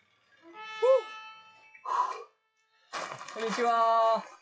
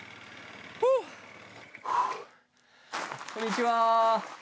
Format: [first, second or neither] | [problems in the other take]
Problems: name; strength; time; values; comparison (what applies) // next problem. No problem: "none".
second | noise reduction (classical method WPE with log-MMSE)